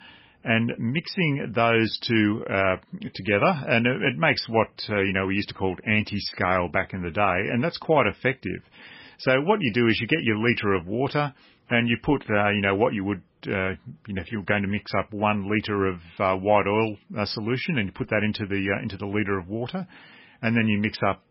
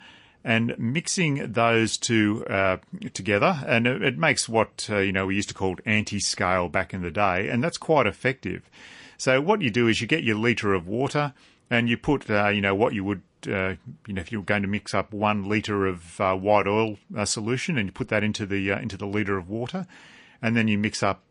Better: second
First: garbled, watery; badly; nothing above 5.5 kHz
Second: garbled, watery; slightly; nothing above 10.5 kHz

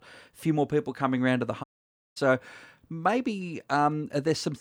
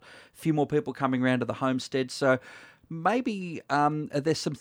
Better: second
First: audio cutting out; at 1.5 s for 0.5 s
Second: none

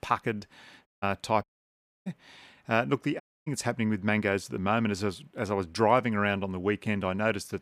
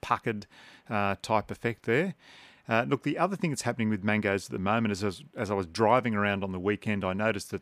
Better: second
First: audio cutting out; at 1 s, at 1.5 s for 0.5 s and at 3 s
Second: none

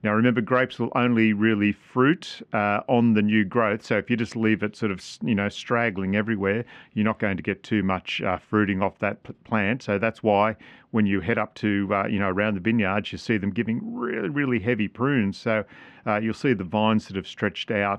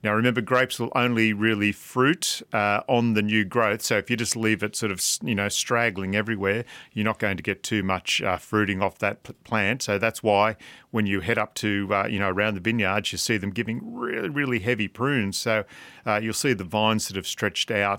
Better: second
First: muffled; slightly; fading above 2.5 kHz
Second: none

